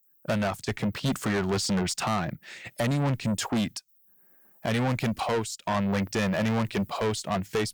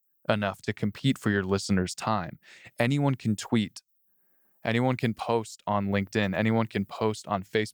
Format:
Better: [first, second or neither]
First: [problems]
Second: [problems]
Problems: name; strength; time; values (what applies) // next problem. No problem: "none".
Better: second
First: distortion; heavy; 5 dB below the speech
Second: none